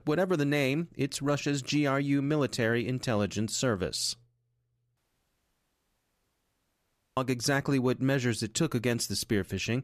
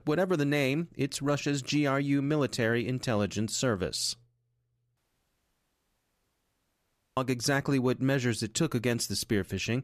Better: neither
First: audio cutting out; at 5 s for 2 s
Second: audio cutting out; at 5 s for 2 s

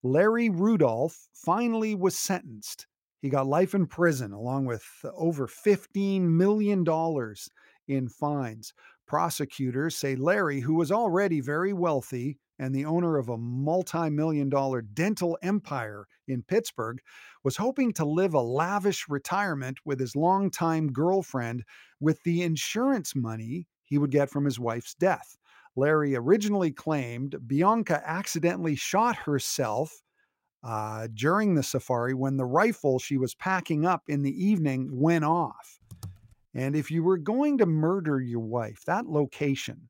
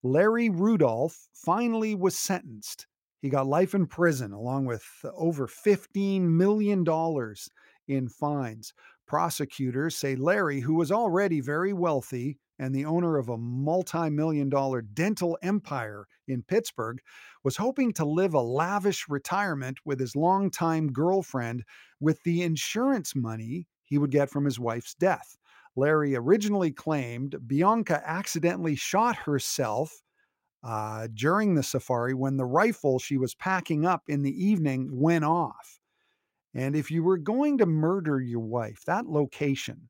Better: second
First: keyboard typing; faint; at 36 s; peak 20 dB below the speech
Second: none

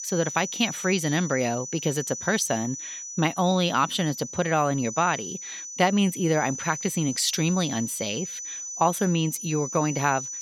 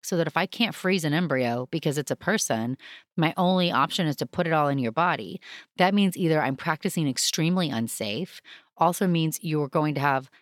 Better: second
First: high-pitched whine; loud; throughout; 6 kHz, 8 dB below the speech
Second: none

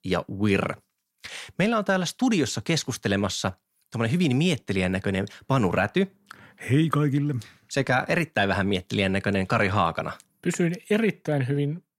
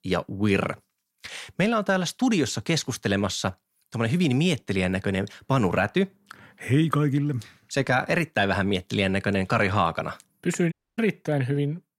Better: first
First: none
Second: audio cutting out; at 11 s

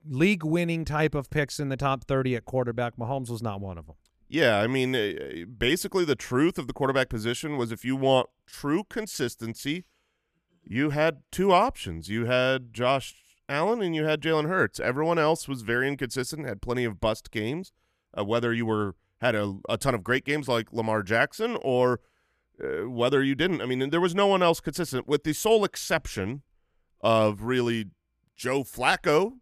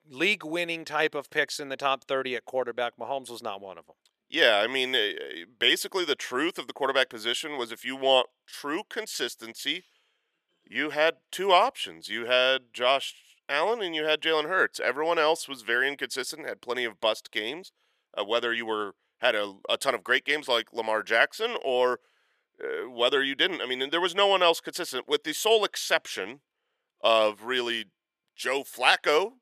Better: first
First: none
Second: thin; somewhat; fading below 500 Hz

